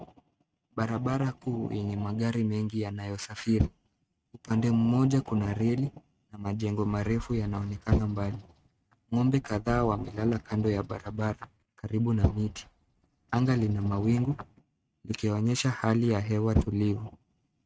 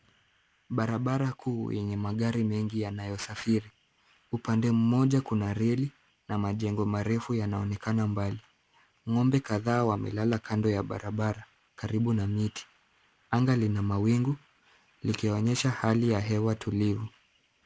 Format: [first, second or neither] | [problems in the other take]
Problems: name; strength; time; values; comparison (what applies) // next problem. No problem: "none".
second | noise reduction (neural mask model RNNoise)